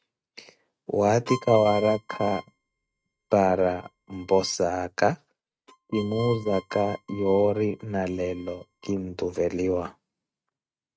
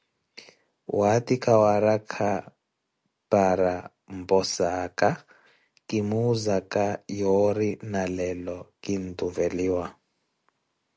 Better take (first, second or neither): second